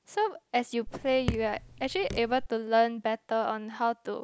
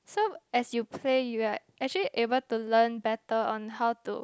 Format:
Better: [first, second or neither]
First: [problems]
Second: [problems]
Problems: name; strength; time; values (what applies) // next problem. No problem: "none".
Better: second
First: background sound (Raindrop / Drip); 8 dB below the speech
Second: none